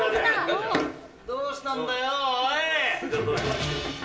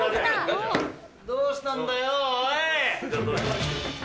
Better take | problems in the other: second | room echo; dies away in 1.9 s

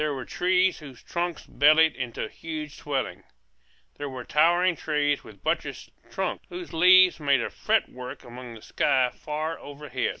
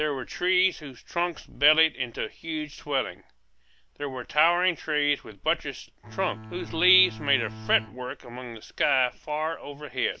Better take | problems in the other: first | background sound (Bowed string instrument); 12 dB below the speech

